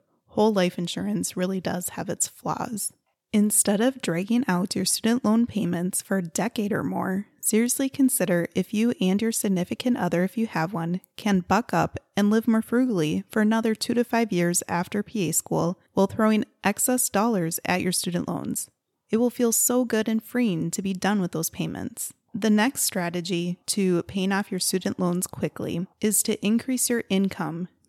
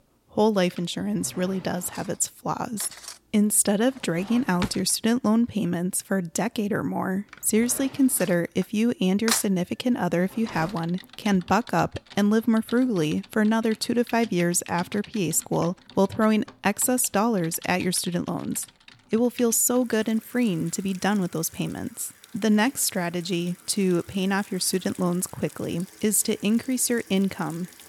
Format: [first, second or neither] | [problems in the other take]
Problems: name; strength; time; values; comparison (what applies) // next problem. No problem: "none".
first | household noises; noticeable; throughout; 15 dB below the speech